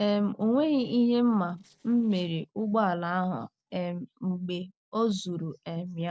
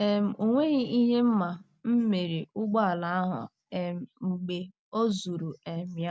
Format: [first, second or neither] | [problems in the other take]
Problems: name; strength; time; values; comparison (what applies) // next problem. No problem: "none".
second | noise reduction (neural separator model SepFormer DNS4)